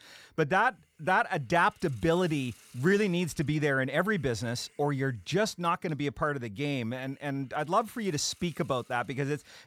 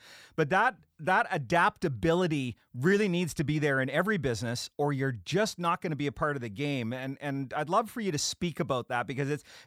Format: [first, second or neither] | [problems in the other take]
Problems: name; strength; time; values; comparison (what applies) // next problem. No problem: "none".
second | hiss; faint; throughout; 30 dB below the speech